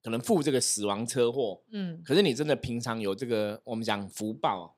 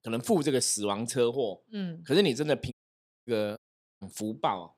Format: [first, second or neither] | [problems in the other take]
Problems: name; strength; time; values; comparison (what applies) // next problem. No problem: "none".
first | audio cutting out; at 2.5 s for 0.5 s and at 3.5 s